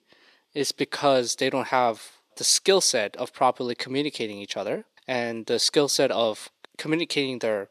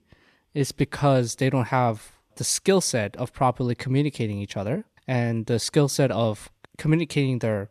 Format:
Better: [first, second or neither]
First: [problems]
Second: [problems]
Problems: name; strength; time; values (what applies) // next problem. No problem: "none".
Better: second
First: thin; somewhat; fading below 400 Hz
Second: none